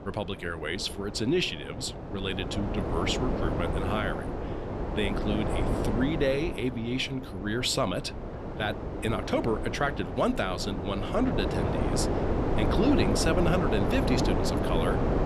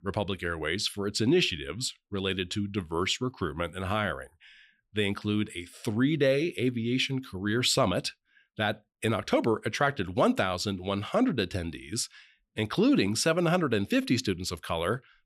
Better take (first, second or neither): second